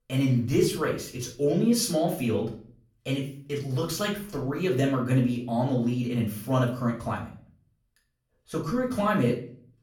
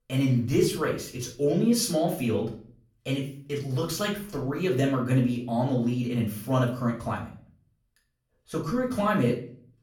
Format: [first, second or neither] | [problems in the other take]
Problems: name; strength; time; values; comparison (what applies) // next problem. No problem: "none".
neither | off-mic speech; far; the same in both // room echo; slight; dies away in 0.4 s; the same in both